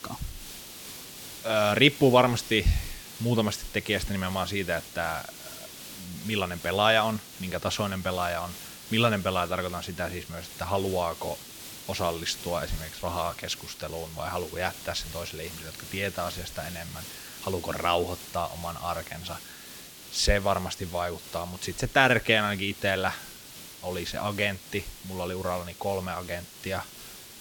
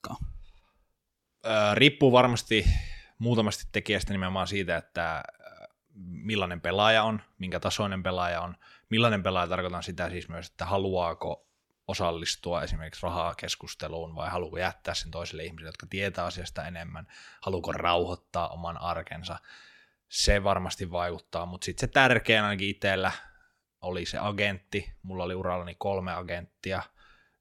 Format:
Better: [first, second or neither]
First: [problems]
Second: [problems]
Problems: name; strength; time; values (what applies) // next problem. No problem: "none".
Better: second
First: hiss; noticeable; throughout; 15 dB below the speech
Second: none